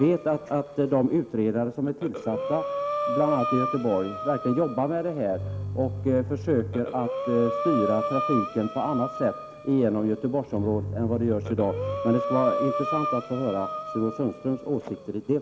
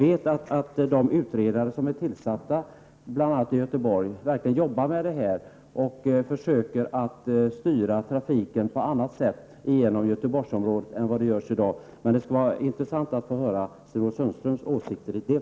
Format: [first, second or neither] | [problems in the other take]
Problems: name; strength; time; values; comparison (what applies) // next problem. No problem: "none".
second | background sound (Bowed string instrument + Breathing); 6 dB below the speech